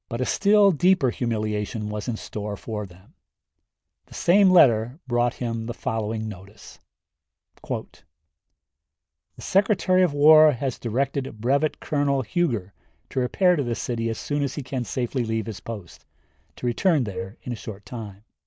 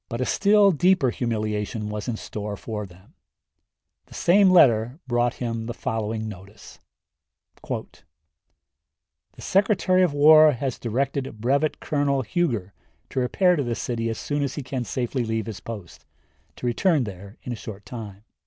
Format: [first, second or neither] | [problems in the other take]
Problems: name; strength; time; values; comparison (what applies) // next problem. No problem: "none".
second | noise reduction (neural mask model Resemble Enhance denoiser)